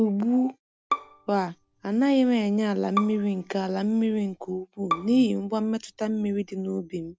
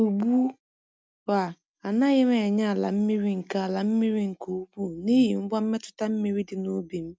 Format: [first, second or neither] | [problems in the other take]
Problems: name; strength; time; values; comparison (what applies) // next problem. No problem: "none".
second | background sound (Bowed string instrument); 11 dB below the speech